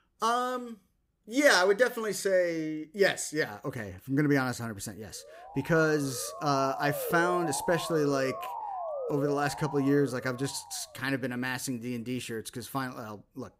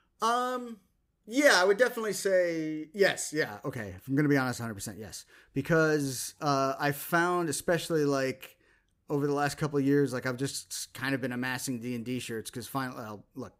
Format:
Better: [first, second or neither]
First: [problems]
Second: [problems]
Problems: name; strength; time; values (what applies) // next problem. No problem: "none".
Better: second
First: siren; noticeable; from 5.5 to 11 s; peak 5 dB below the speech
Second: none